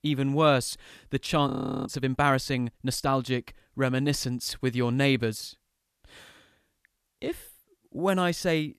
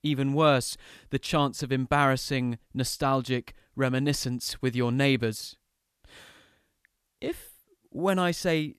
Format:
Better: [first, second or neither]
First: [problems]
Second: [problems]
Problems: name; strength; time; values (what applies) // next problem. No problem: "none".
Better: second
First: audio freezing; at 1.5 s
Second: none